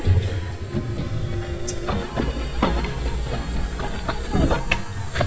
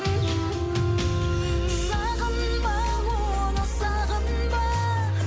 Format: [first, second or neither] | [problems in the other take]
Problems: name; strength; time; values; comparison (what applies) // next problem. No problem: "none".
second | noise reduction (neural mask model DeepFilterNet 3)